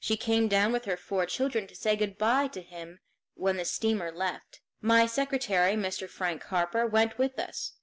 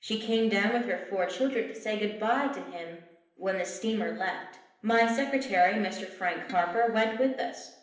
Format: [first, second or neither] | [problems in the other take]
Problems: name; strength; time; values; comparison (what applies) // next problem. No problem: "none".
first | background sound (Keyboard (musical)); 19 dB below the speech // room echo; dies away in 0.8 s